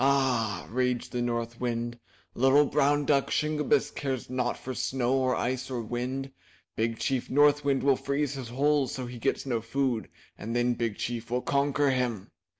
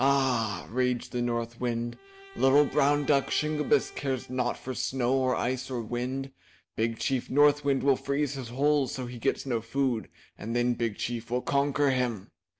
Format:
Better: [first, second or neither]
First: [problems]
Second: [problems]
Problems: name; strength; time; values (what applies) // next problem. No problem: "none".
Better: first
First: none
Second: background sound (Bowed string instrument); 20 dB below the speech